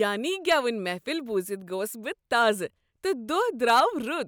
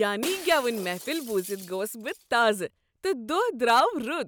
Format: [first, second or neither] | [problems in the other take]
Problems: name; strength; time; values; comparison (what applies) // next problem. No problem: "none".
first | background sound (Shatter); 15 dB below the speech